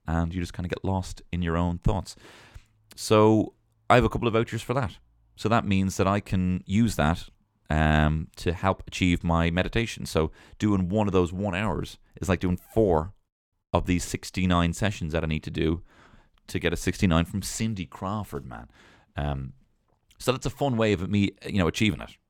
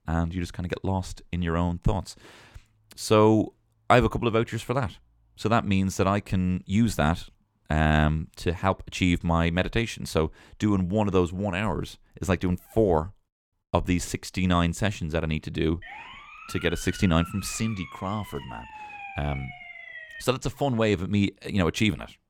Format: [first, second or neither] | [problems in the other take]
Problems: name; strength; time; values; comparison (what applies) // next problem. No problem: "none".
first | siren; faint; from 16 to 20 s; peak 15 dB below the speech